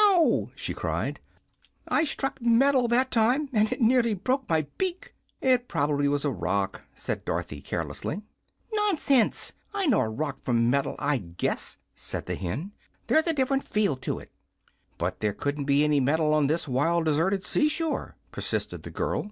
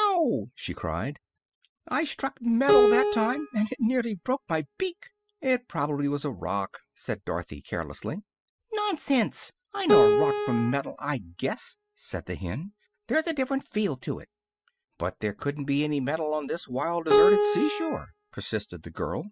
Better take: first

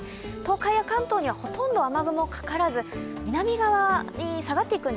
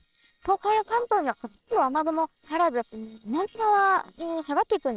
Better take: first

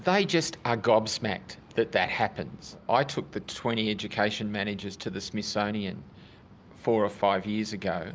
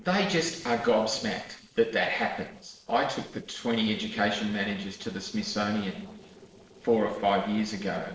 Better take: first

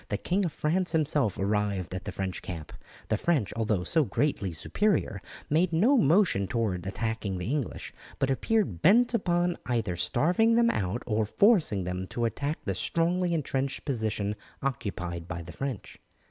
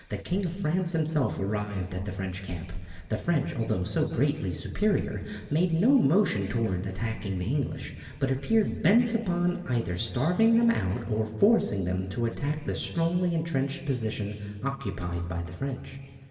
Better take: first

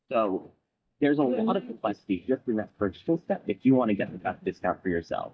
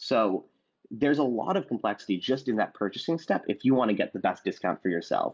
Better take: second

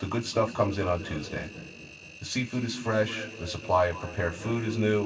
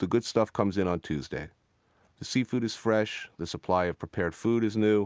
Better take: second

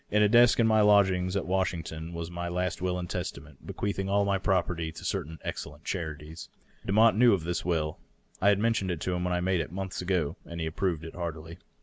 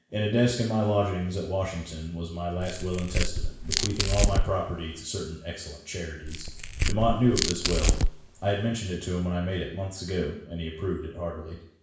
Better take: first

